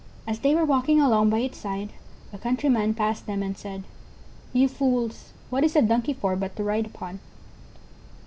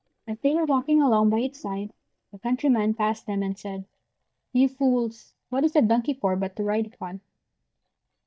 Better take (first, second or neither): first